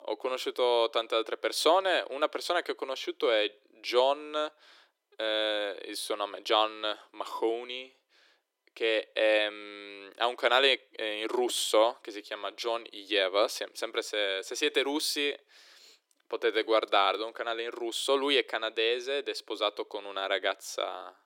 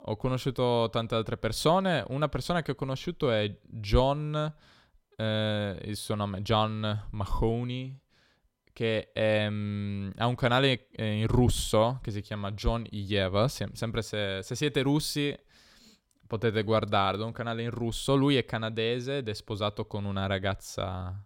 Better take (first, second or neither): second